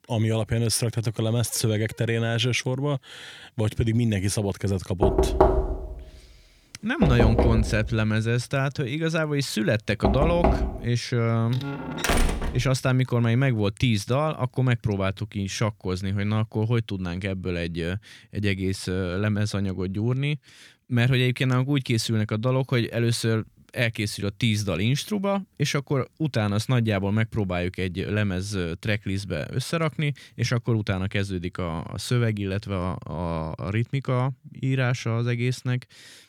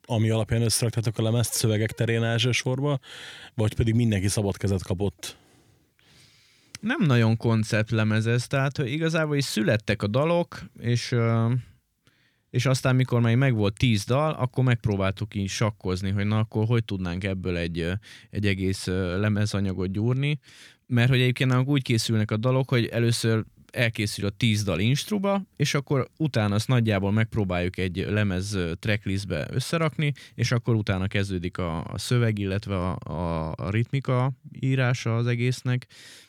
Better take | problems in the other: second | door banging; loud; from 5 to 11 s and from 12 to 13 s; peak 5 dB above the speech

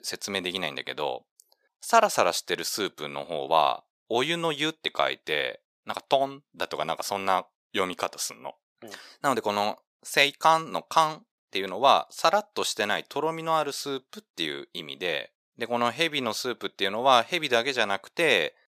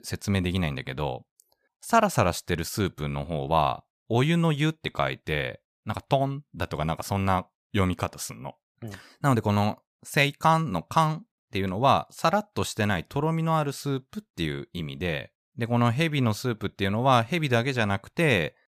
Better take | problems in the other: second | thin; somewhat; fading below 450 Hz

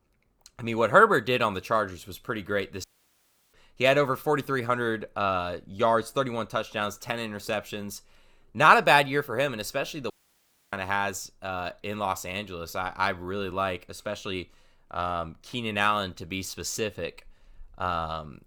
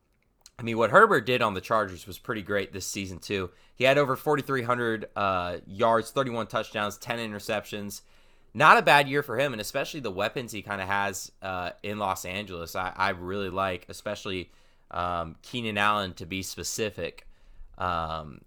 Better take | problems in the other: second | audio cutting out; at 3 s for 0.5 s and at 10 s for 0.5 s

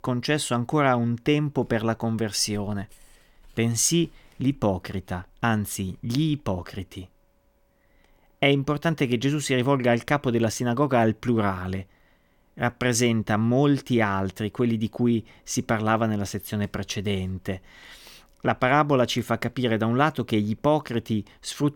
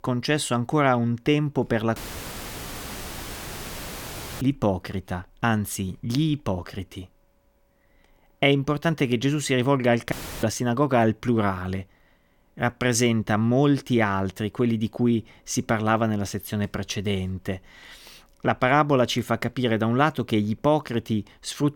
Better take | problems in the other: first | audio cutting out; filled with static; at 2 s for 2.5 s and at 10 s

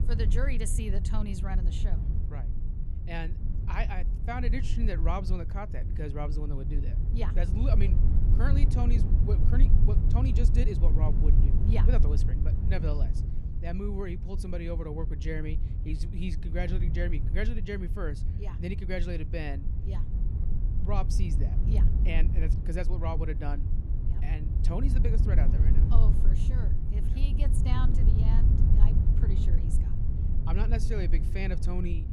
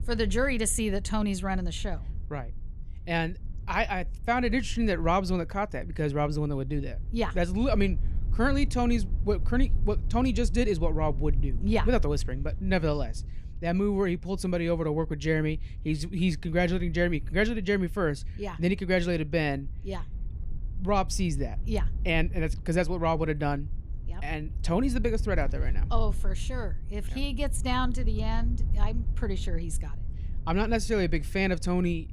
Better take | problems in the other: second | low rumble; loud; throughout; 5 dB below the speech; faint in the second

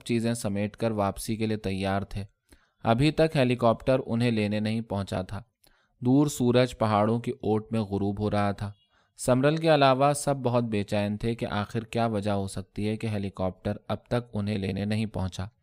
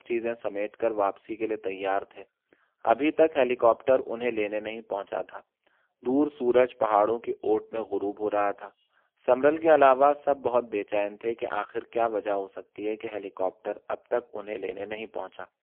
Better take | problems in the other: first | phone-call audio; poor line

